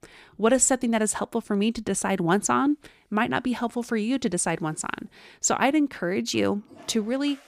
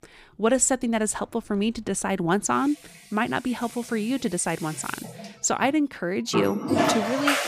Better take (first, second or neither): first